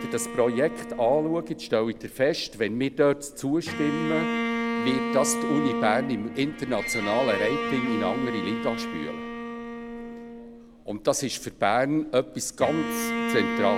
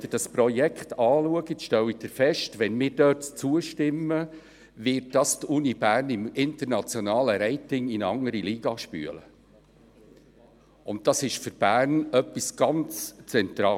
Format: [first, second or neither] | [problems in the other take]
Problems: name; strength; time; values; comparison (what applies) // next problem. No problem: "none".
second | background sound (Bowed string instrument); 5 dB below the speech